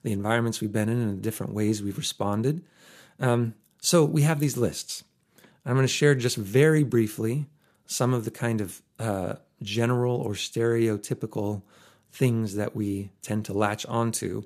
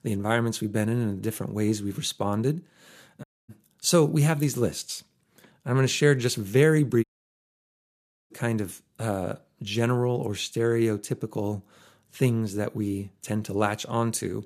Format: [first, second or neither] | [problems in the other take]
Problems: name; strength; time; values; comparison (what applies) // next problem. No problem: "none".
first | audio cutting out; at 3 s and at 7 s for 1.5 s